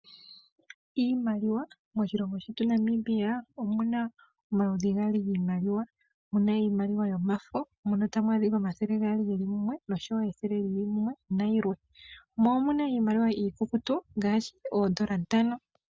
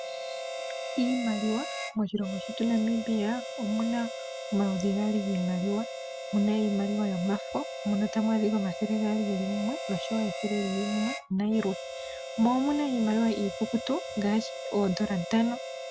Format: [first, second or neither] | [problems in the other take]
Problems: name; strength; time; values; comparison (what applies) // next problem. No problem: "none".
first | background sound (Harmonica); 8 dB below the speech